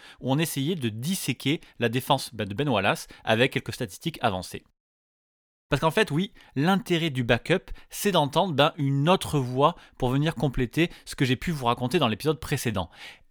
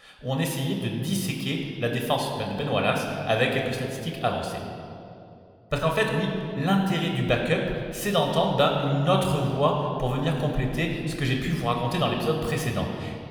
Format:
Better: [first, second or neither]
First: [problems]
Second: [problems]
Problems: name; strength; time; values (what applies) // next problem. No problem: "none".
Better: first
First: none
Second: room echo; noticeable; dies away in 2 s